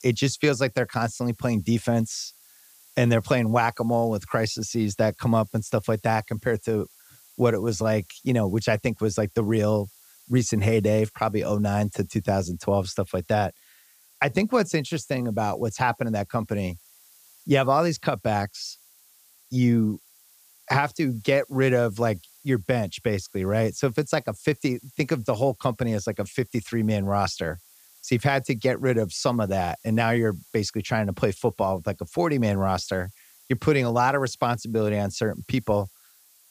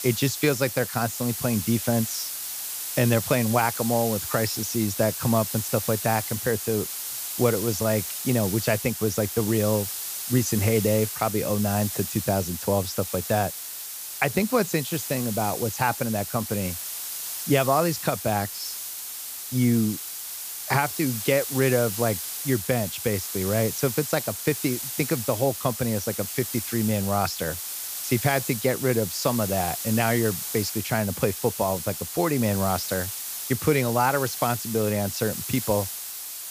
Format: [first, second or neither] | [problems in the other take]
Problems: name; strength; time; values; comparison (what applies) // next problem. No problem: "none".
first | hiss; loud; throughout; 5 dB below the speech; faint in the first